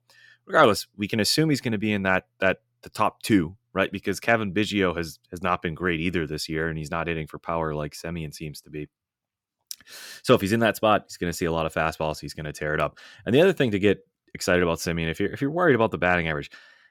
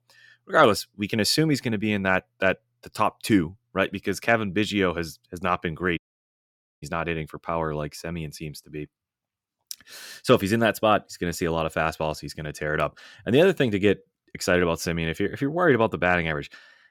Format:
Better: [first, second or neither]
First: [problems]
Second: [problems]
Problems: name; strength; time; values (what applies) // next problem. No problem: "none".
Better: first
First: none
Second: audio cutting out; at 6 s for 1 s